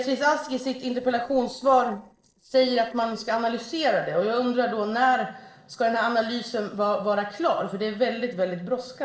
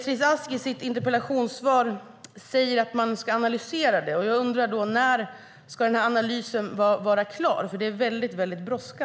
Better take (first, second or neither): second